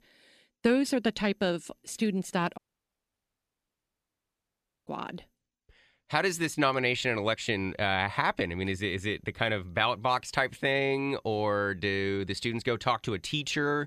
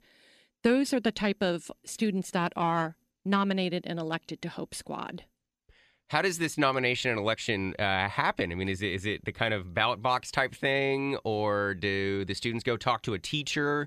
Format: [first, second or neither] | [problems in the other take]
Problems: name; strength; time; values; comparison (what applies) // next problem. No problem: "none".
second | audio cutting out; at 2.5 s for 2.5 s